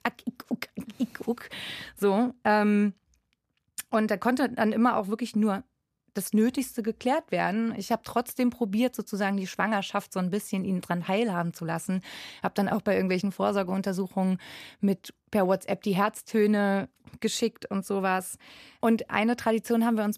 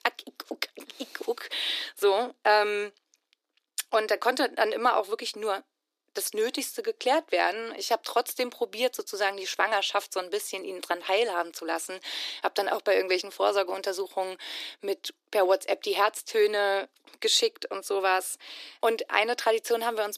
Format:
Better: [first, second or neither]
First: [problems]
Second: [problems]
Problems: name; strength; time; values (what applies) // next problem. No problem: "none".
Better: first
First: none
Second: thin; very; fading below 300 Hz